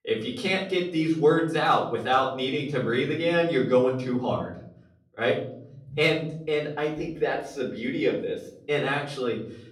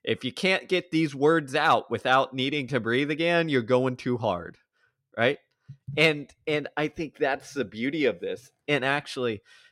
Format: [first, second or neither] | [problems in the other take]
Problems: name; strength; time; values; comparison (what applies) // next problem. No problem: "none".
second | off-mic speech; far // room echo; slight; dies away in 0.6 s